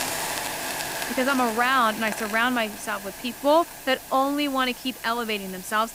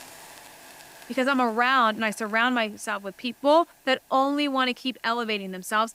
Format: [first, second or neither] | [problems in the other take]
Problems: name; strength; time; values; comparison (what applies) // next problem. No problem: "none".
second | hiss; loud; throughout; 8 dB below the speech; faint in the second